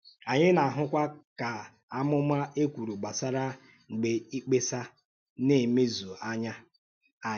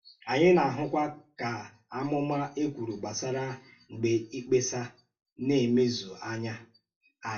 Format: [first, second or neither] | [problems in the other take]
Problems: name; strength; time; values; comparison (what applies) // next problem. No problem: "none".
first | room echo; dies away in 0.2 s